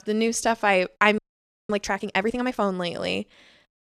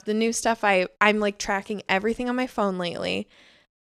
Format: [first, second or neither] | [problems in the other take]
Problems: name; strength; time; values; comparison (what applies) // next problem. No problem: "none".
second | audio freezing; at 1 s for 0.5 s